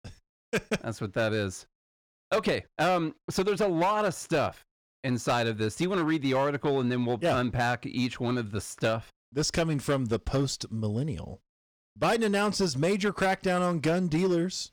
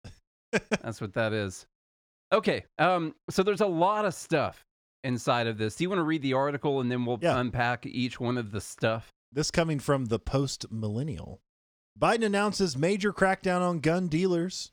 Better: second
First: distortion; slight; 7% of the sound clipped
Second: none

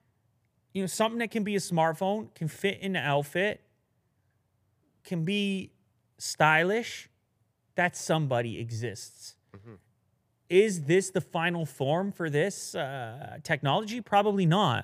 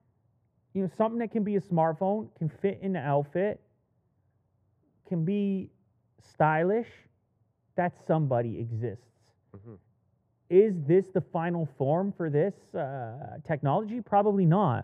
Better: first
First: none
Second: muffled; very; fading above 2.5 kHz

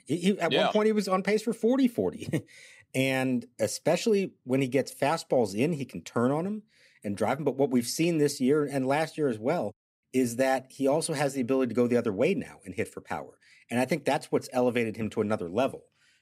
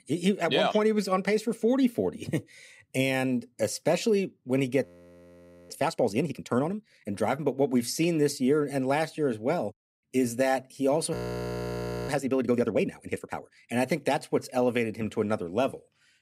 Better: first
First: none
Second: audio freezing; at 5 s for 1 s and at 11 s for 1 s

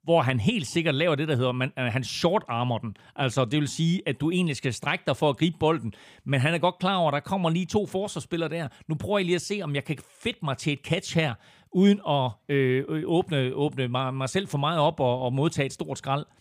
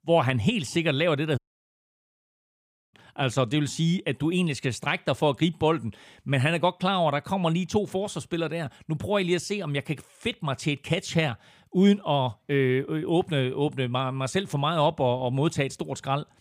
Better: first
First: none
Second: audio cutting out; at 1.5 s for 1.5 s

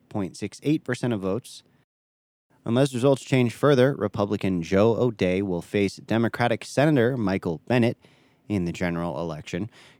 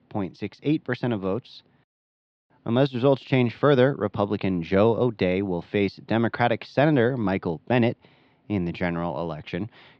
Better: first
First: none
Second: muffled; very slightly; fading above 4.5 kHz

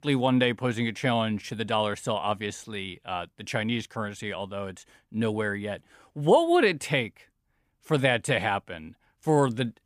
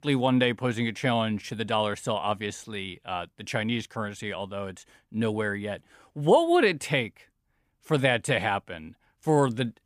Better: neither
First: none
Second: none

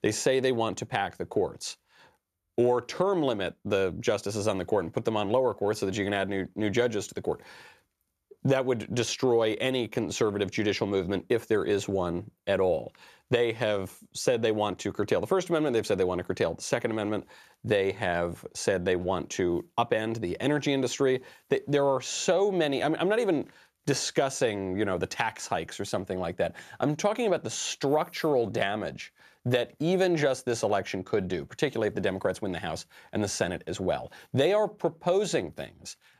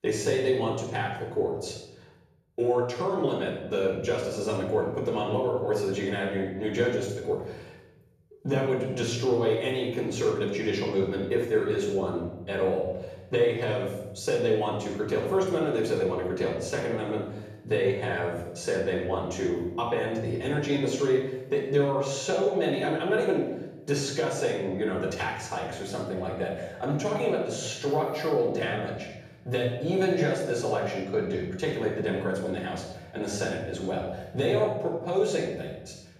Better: first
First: none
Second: off-mic speech; far // room echo; noticeable; dies away in 1 s

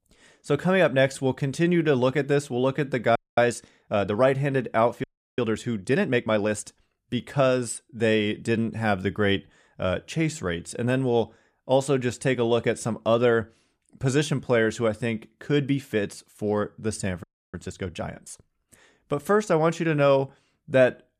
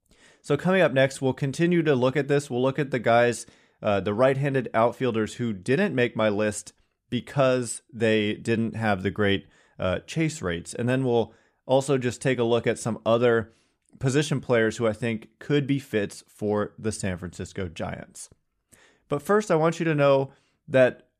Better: second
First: audio freezing; at 3 s, at 5 s and at 17 s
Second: none

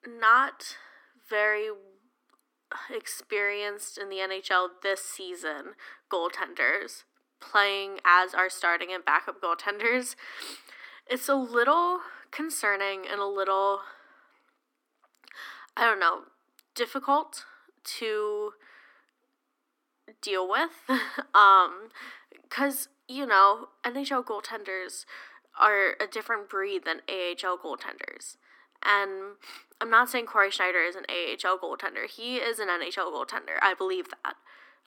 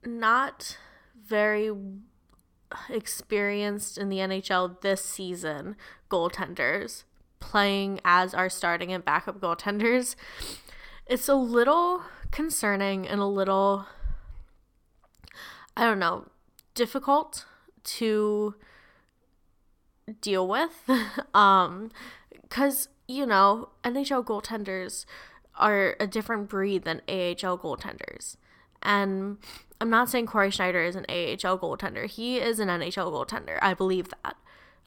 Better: second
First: thin; somewhat; fading below 250 Hz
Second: none

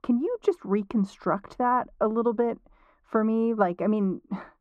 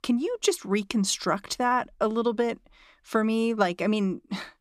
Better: second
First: muffled; very; fading above 2 kHz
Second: none

